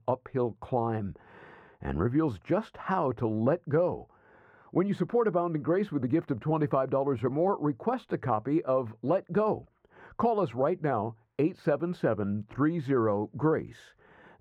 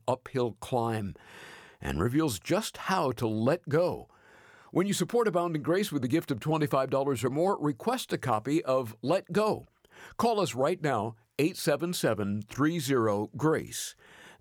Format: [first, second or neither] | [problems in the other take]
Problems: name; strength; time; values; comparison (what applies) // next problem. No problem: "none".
second | muffled; very; fading above 3.5 kHz